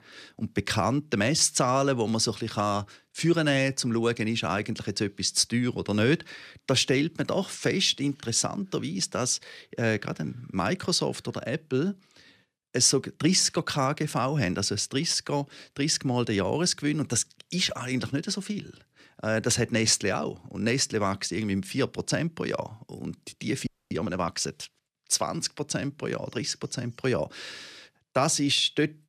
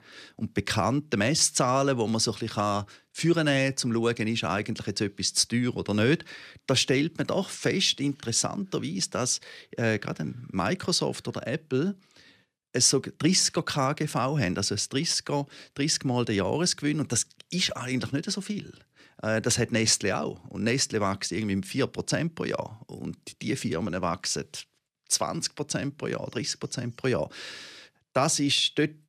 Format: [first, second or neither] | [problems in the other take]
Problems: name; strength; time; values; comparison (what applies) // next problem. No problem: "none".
second | audio freezing; at 24 s